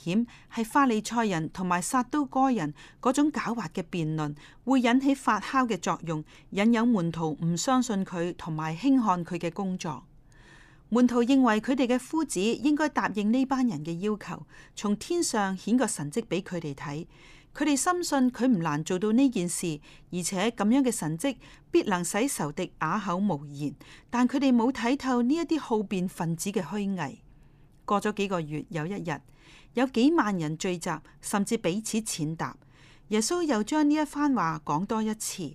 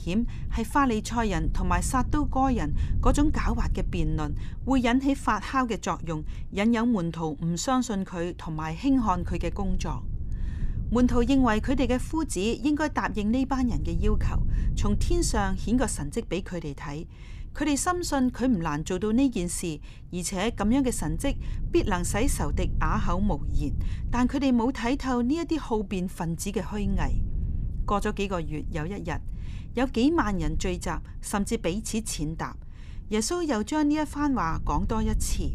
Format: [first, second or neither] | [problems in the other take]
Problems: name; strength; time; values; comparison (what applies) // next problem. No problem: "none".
first | low rumble; faint; throughout; 20 dB below the speech